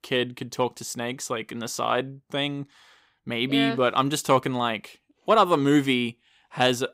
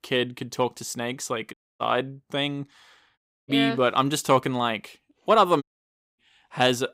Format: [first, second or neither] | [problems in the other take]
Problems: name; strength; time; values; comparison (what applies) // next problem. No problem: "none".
first | audio cutting out; at 1.5 s, at 3 s and at 5.5 s for 0.5 s